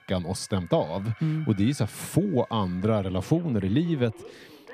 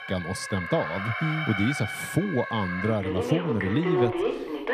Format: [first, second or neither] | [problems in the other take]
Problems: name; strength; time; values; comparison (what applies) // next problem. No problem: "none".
first | alarms or sirens; loud; throughout; 2 dB below the speech; faint in the first